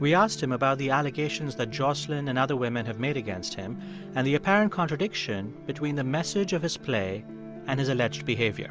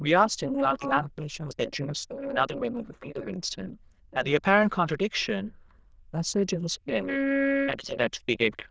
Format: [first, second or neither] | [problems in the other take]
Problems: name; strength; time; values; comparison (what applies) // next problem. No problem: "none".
first | noise reduction (neural diffusion model UNIVERSE++)